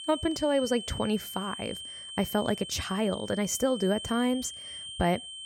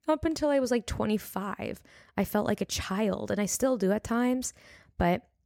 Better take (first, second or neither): second